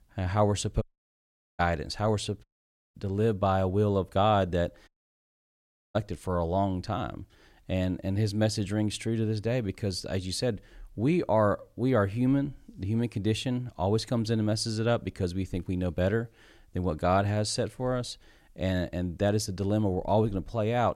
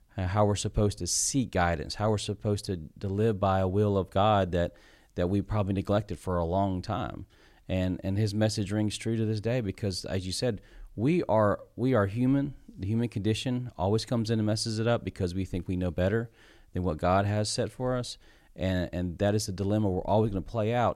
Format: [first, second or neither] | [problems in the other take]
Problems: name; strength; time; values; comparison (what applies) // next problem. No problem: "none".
second | audio cutting out; at 1 s for 1 s, at 2.5 s for 0.5 s and at 5 s for 1 s